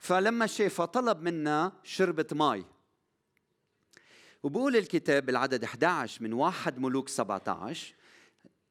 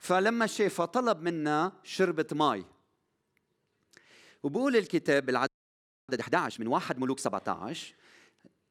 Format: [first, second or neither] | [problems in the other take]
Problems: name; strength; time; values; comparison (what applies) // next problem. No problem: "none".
first | audio freezing; at 5.5 s for 0.5 s